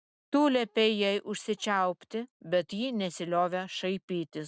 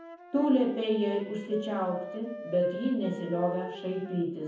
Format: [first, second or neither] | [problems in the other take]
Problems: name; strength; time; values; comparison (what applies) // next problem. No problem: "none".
first | background sound (Wind instrument, woodwind instrument); 13 dB below the speech // room echo; dies away in 0.7 s